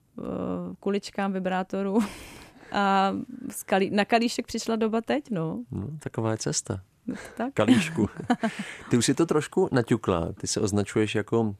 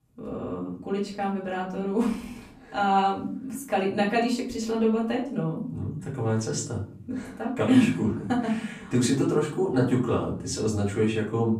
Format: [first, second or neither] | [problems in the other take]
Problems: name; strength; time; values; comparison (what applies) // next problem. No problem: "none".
first | off-mic speech; far // room echo; slight; dies away in 0.6 s